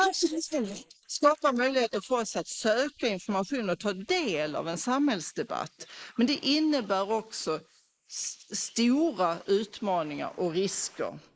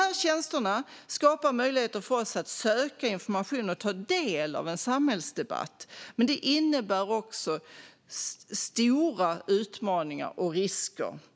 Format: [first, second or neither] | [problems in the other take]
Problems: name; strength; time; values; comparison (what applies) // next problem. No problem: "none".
second | noise reduction (neural mask model Resemble Enhance denoiser)